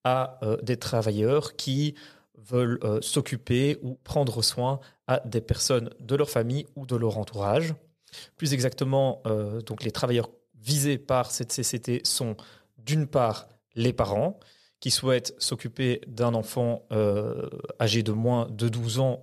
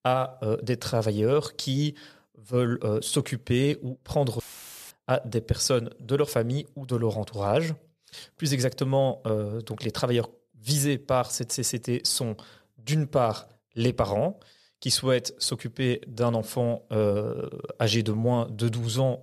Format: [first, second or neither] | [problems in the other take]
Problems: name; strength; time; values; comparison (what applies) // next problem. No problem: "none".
first | audio cutting out; filled with static; at 4.5 s for 0.5 s